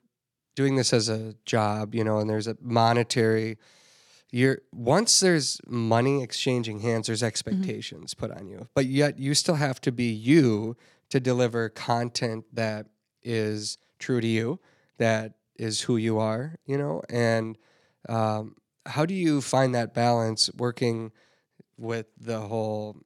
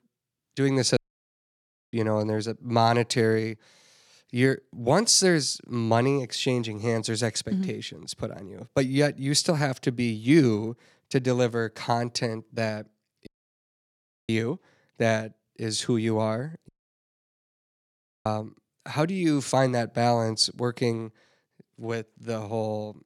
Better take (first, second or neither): first